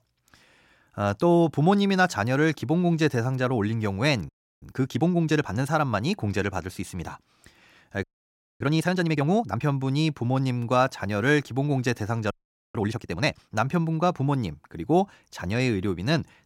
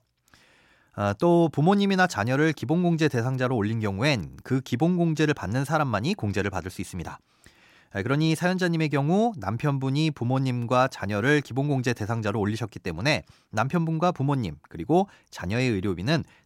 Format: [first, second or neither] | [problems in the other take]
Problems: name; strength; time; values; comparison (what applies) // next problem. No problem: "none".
second | audio freezing; at 4.5 s, at 8 s for 0.5 s and at 12 s